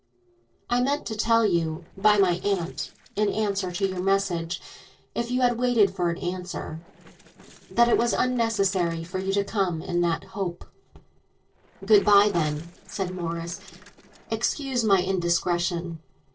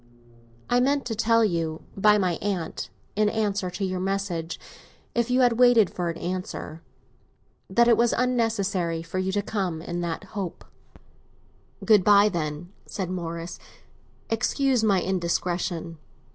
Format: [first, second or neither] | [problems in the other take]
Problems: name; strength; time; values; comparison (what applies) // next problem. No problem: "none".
second | noise reduction (neural separator model SepFormer DNS4)